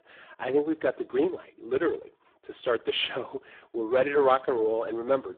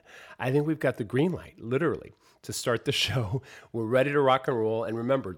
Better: second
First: phone-call audio; poor line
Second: none

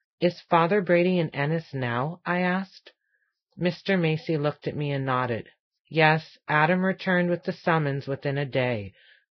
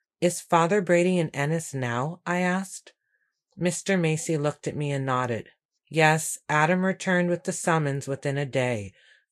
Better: second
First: garbled, watery; badly; nothing above 5.5 kHz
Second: garbled, watery; slightly; nothing above 12.5 kHz

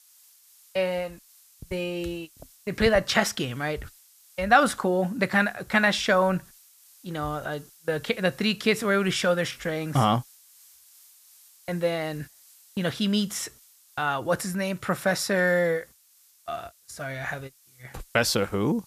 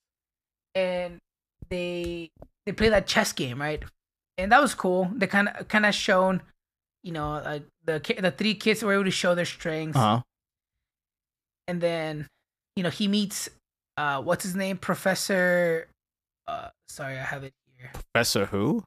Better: second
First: hiss; faint; throughout; 25 dB below the speech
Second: none

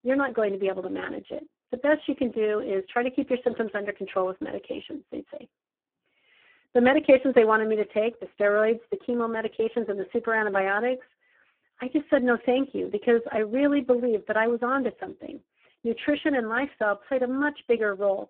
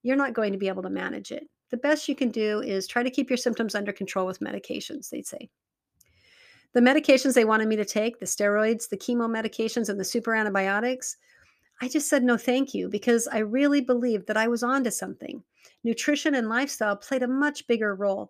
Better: second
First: phone-call audio; poor line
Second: none

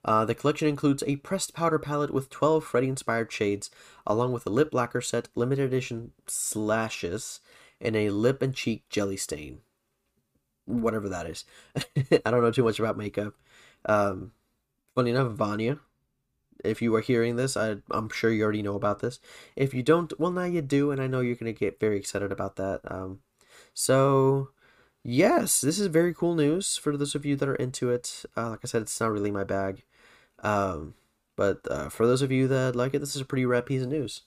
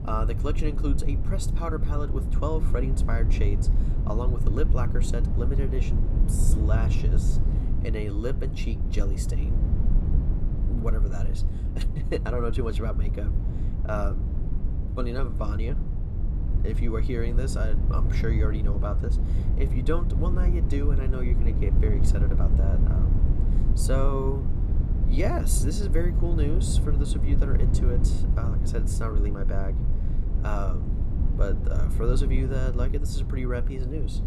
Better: first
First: none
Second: low rumble; loud; throughout; 6 dB below the speech

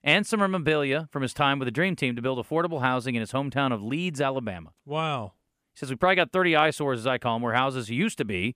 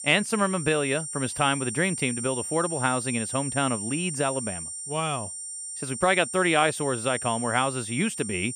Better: first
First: none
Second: high-pitched whine; loud; throughout; 9 kHz, 6 dB below the speech

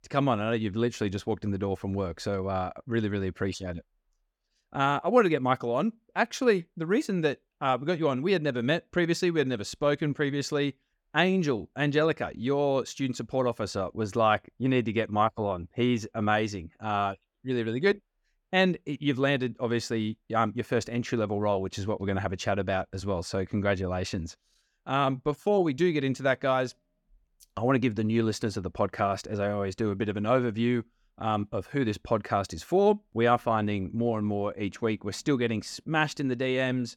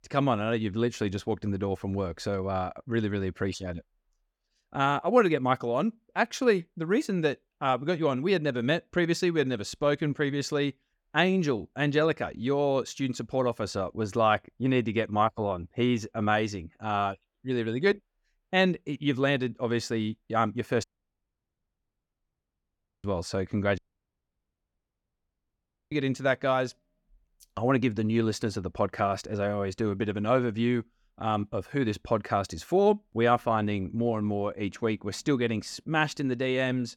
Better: first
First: none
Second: audio cutting out; at 21 s for 2 s and at 24 s for 2 s

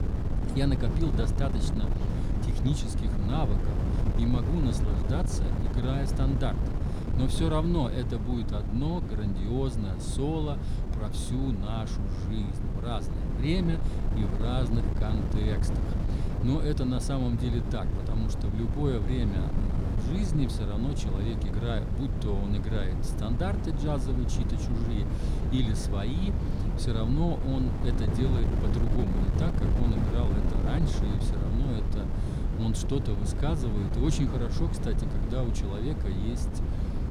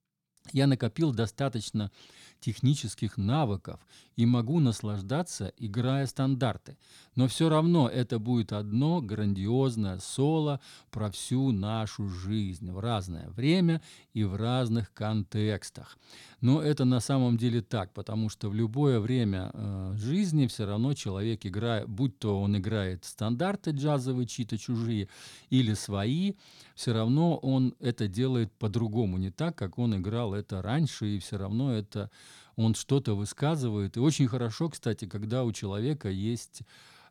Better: second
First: wind noise on the microphone; heavy; 3 dB below the speech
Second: none

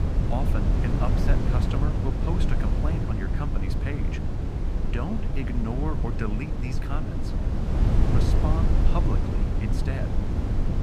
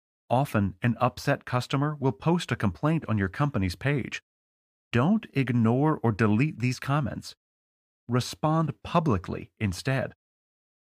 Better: second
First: wind noise on the microphone; heavy; as loud as the speech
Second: none

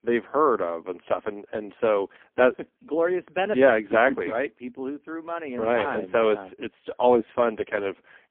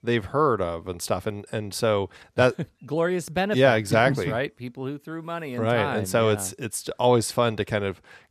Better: second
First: phone-call audio; poor line; nothing above 3.5 kHz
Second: none

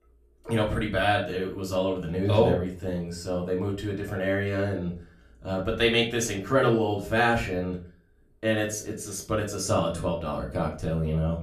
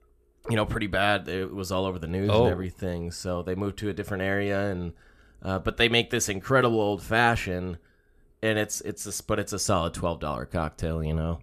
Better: second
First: off-mic speech; far // room echo; very slight; dies away in 0.3 s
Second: none

